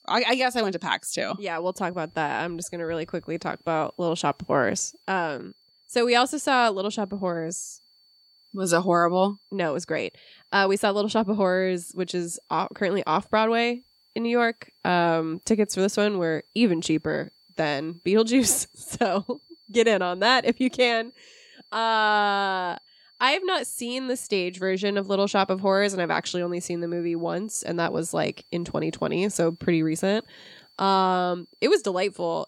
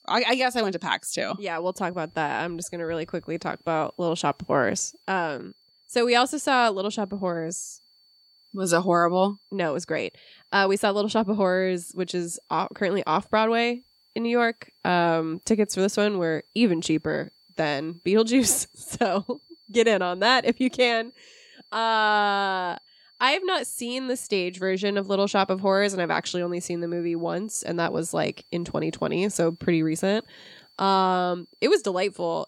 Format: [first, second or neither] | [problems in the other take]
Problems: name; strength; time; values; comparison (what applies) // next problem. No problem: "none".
neither | high-pitched whine; faint; throughout; 4.5 kHz, 30 dB below the speech; the same in both